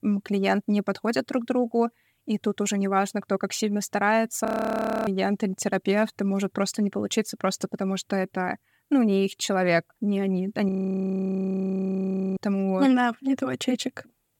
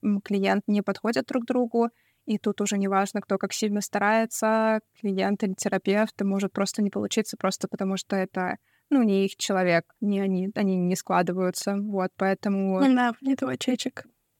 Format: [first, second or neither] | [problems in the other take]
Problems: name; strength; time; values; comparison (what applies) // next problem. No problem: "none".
second | audio freezing; at 4.5 s for 0.5 s and at 11 s for 1.5 s